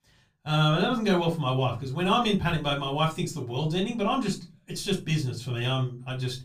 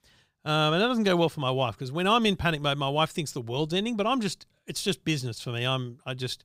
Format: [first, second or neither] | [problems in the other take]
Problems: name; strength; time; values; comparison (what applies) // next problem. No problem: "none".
second | off-mic speech; far // room echo; very slight; dies away in 0.3 s